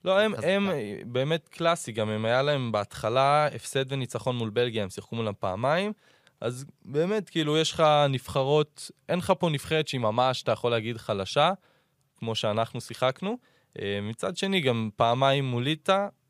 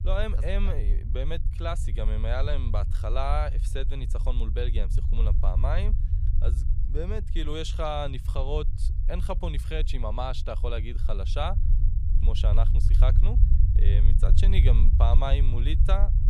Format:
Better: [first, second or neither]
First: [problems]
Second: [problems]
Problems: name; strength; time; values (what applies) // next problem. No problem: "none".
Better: first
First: none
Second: low rumble; noticeable; throughout; 10 dB below the speech